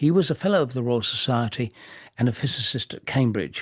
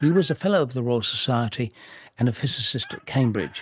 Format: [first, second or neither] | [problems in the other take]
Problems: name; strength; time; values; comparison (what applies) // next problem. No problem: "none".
first | noise reduction (neural mask model RNNoise)